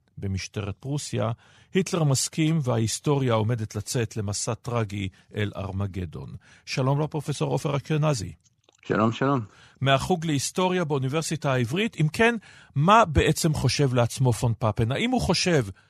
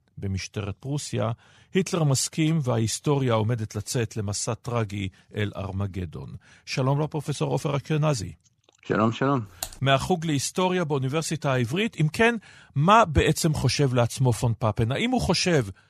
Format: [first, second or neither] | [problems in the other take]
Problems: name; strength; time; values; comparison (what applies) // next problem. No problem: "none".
first | keyboard typing; faint; at 9.5 s; peak 10 dB below the speech